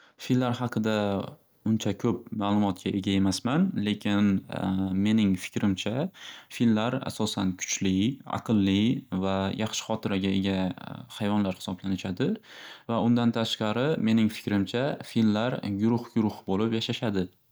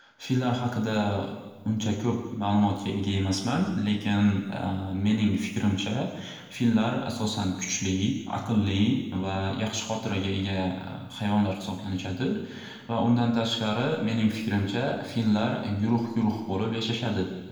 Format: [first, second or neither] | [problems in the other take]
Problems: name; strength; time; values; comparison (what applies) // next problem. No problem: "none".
first | room echo; dies away in 1.3 s